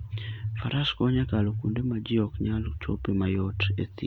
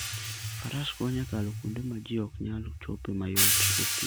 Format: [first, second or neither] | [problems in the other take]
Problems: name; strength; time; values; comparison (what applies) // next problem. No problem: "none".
first | background sound (Hi-hat); 1 dB above the speech